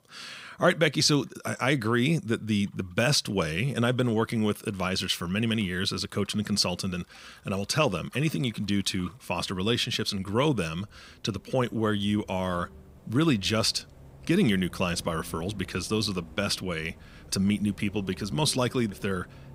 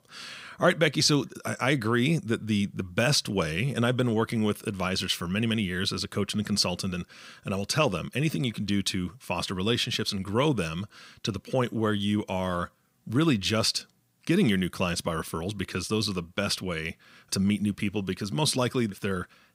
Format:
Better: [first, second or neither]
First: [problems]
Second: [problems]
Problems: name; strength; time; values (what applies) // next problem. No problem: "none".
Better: second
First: traffic noise; faint; throughout; 25 dB below the speech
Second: none